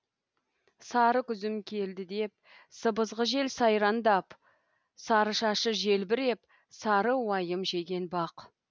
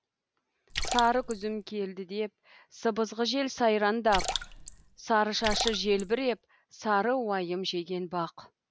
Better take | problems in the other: first | background sound (Splash, splatter); 6 dB below the speech

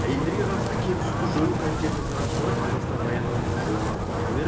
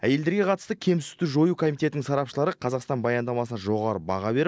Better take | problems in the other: second | background sound (Wind); 4 dB above the speech // room echo; dies away in 2.5 s

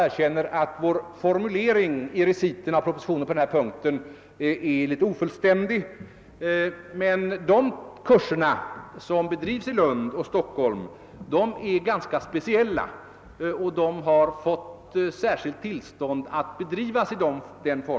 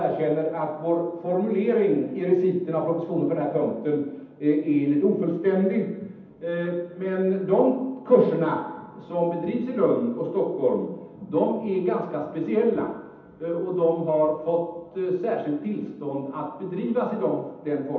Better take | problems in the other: first | room echo; dies away in 0.8 s

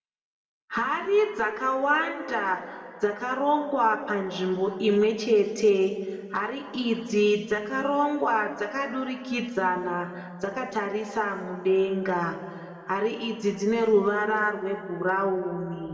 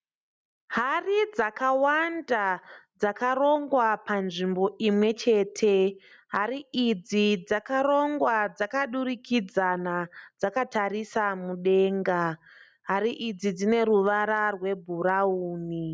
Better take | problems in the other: second | room echo; dies away in 1.8 s

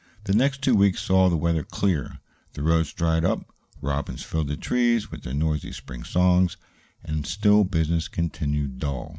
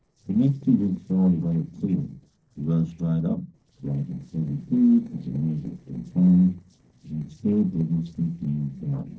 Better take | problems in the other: first | noise reduction (neural separator model SepFormer DNS4)

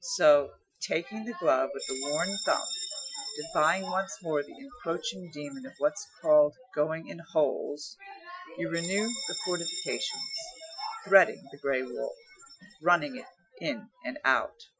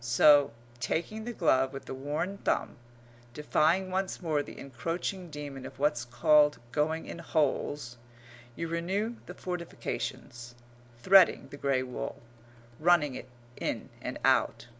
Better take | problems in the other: second | noise reduction (classical method Wiener filter)

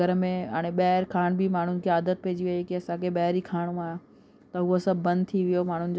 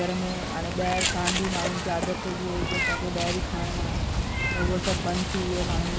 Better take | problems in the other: first | background sound (Meow); 2 dB above the speech

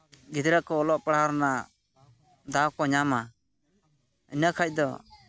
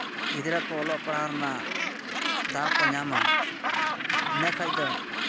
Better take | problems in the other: first | background sound (Gull, seagull); 5 dB above the speech

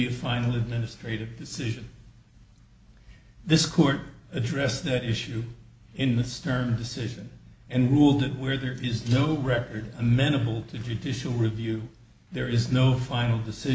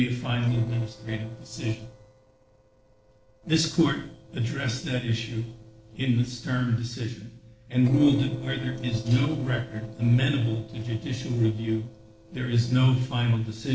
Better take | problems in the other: first | noise reduction (neural separator model SepFormer DNS4)

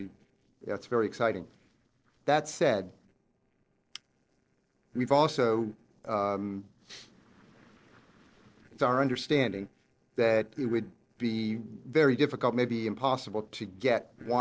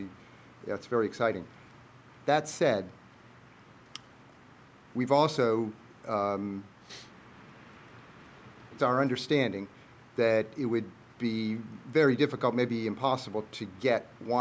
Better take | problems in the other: second | noise reduction (neural separator model SepFormer DNS4)

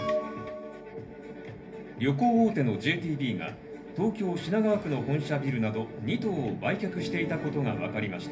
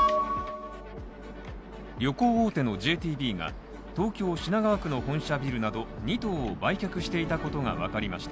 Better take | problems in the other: second | room echo; dies away in 0.3 s

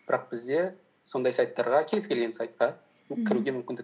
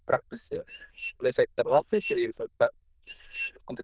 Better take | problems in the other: first | noise reduction (neural diffusion model UNIVERSE++)

